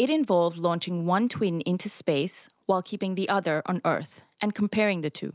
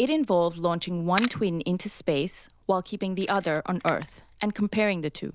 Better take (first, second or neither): first